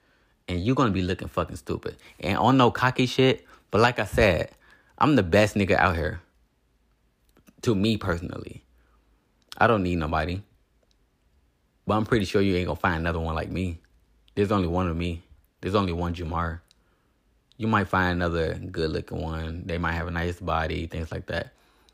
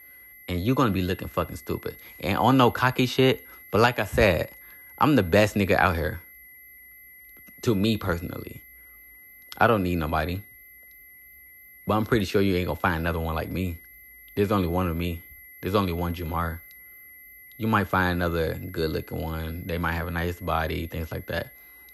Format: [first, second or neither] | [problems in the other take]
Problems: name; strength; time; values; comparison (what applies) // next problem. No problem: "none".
first | high-pitched whine; faint; throughout; 2 kHz, 20 dB below the speech